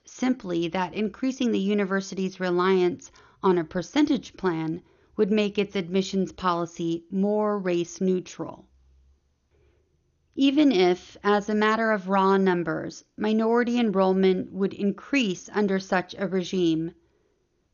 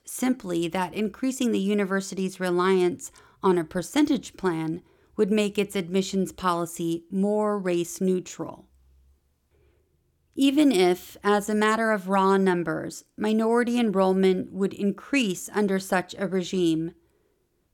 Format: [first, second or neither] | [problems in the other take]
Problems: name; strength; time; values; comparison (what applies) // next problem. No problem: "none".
second | garbled, watery; slightly; nothing above 6.5 kHz